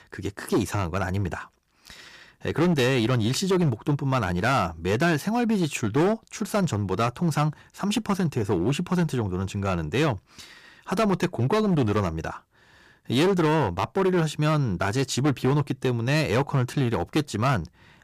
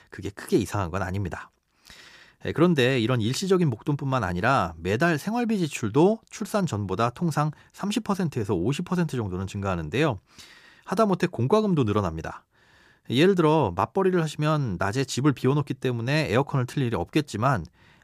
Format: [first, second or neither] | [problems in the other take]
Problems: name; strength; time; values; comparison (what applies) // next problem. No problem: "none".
second | distortion; slight; 9% of the sound clipped